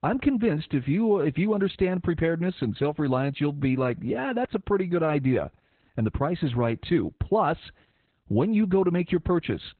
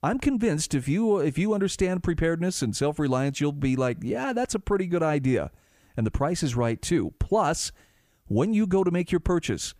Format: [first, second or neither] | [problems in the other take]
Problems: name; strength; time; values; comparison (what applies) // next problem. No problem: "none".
second | garbled, watery; badly; nothing above 4 kHz